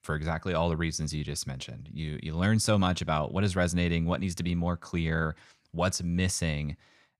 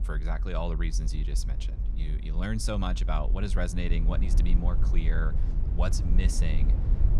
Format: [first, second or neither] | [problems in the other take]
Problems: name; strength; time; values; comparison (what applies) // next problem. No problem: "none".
first | low rumble; noticeable; throughout; 10 dB below the speech